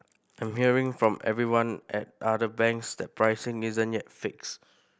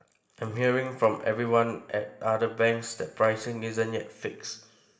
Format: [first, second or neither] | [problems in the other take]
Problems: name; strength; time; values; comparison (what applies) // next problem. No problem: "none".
first | room echo; dies away in 1.7 s